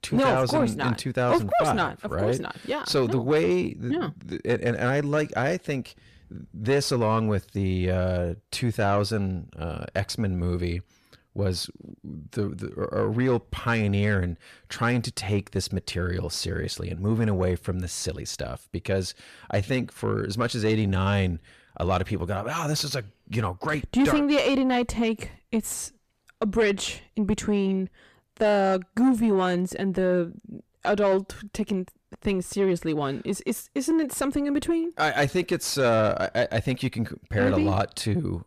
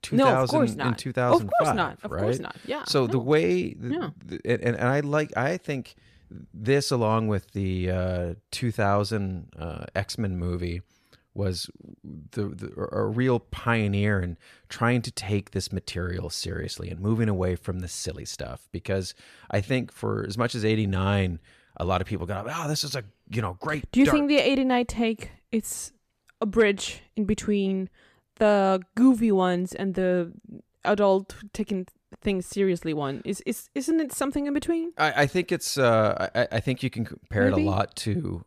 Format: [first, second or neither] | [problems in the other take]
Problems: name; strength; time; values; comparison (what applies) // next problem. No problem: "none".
second | distortion; slight; 10 dB below the speech